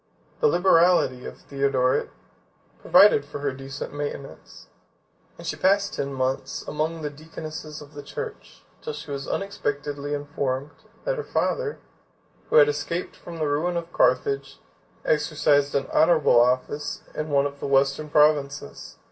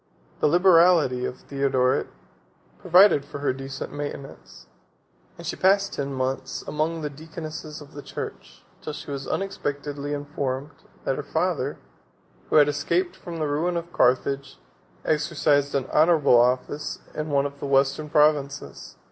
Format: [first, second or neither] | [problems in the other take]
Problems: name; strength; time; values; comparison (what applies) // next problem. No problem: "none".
second | room echo; dies away in 0.1 s